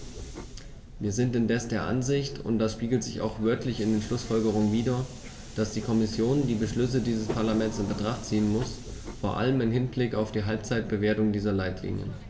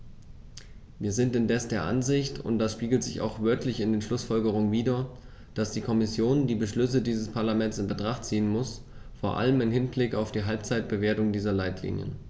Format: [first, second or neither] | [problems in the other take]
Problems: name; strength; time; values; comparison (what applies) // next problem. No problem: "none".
second | background sound (Subway, metro, underground); 14 dB below the speech // room echo; dies away in 2.1 s